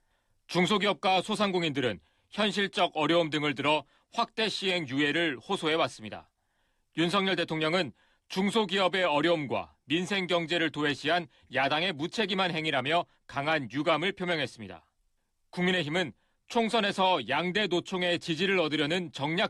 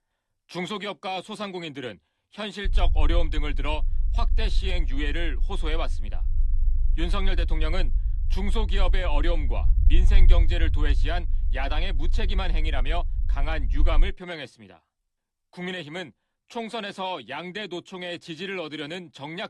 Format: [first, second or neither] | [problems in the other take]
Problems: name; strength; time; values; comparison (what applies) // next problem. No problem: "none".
first | low rumble; noticeable; from 2.5 to 14 s; 20 dB below the speech